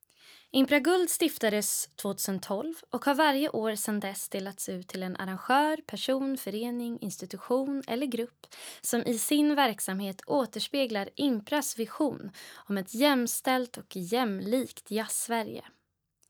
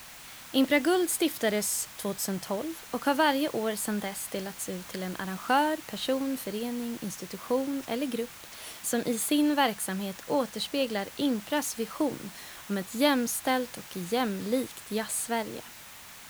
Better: first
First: none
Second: hiss; noticeable; throughout; 15 dB below the speech

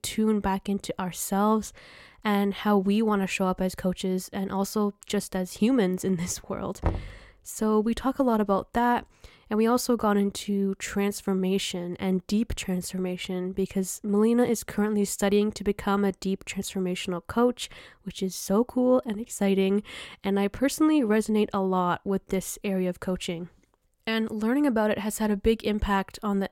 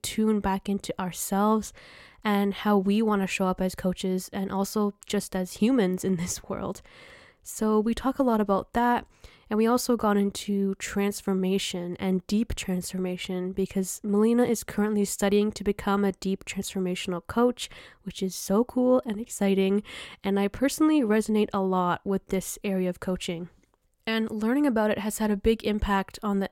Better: second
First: door banging; noticeable; at 7 s; peak 5 dB below the speech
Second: none

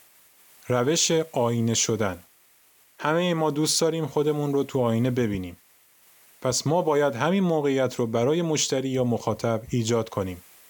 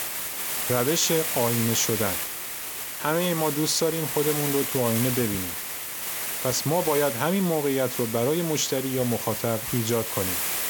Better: first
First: hiss; faint; throughout; 30 dB below the speech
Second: hiss; loud; throughout; 2 dB below the speech

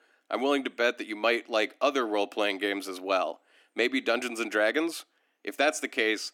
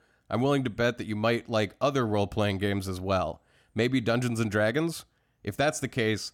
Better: second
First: thin; somewhat; fading below 300 Hz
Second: none

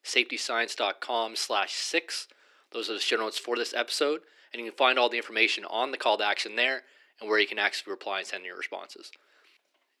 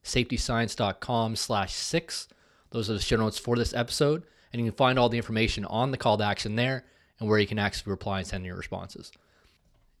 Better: second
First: thin; very; fading below 300 Hz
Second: none

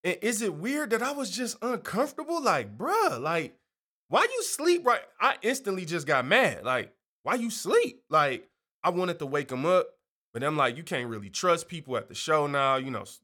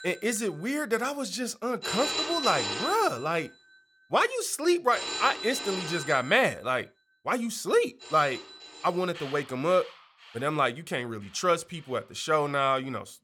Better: first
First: none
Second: alarms or sirens; loud; throughout; 6 dB below the speech

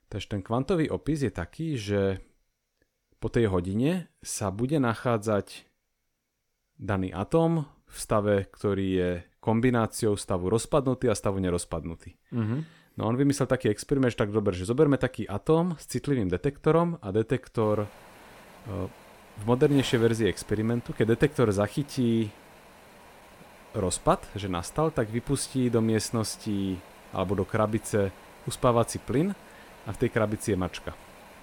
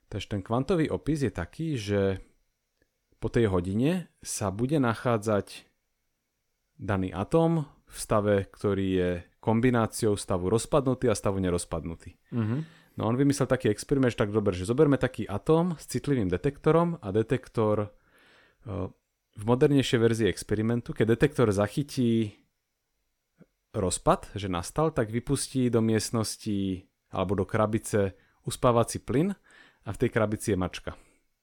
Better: second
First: wind noise on the microphone; occasional gusts; from 18 s on; 20 dB below the speech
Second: none

